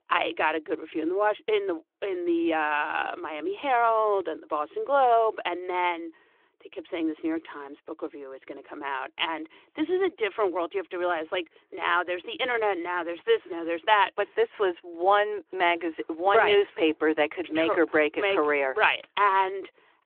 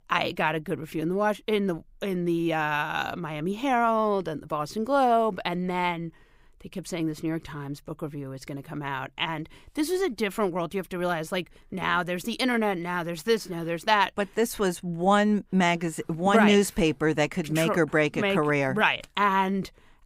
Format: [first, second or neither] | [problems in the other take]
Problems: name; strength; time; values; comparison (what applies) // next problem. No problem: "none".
second | phone-call audio